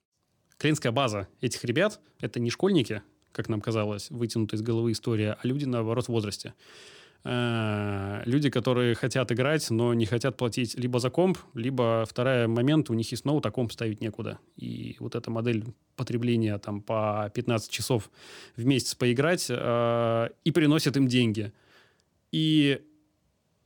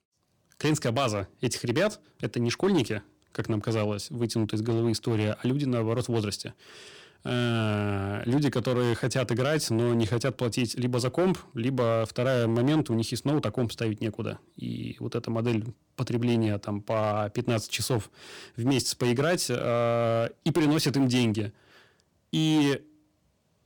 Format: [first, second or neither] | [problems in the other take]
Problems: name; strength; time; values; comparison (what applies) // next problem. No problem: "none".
first | distortion; slight; 6% of the sound clipped